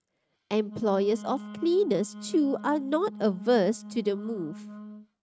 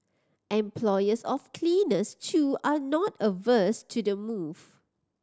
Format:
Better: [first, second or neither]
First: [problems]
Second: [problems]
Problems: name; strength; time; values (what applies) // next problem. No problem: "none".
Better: second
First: noise reduction (neural mask model RNNoise)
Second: none